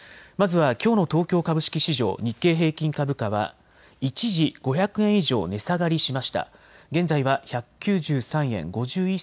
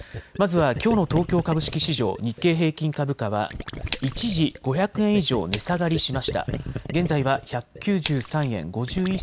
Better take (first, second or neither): first